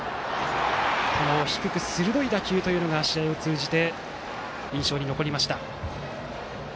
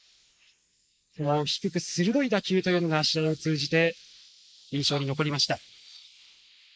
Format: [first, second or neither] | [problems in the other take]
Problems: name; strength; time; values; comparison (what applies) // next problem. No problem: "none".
first | noise reduction (neural mask model Resemble Enhance denoiser)